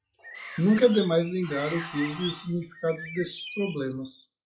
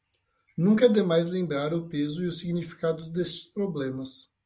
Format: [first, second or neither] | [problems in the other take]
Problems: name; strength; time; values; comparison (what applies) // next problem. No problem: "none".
second | noise reduction (classical method log-MMSE)